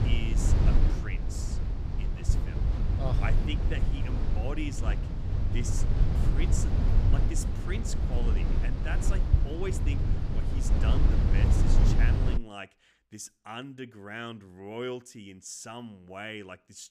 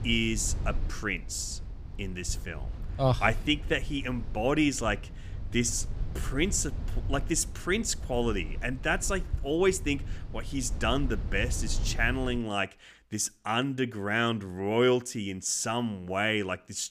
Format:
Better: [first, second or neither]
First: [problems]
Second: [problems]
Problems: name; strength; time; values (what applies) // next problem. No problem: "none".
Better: second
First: low rumble; loud; until 12 s; as loud as the speech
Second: low rumble; faint; until 12 s; 20 dB below the speech